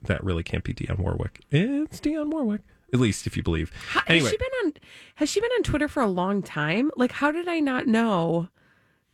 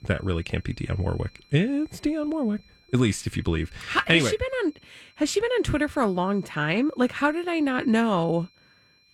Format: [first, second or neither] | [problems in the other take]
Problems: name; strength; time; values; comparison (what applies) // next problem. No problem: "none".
first | high-pitched whine; faint; throughout; 4 kHz, 30 dB below the speech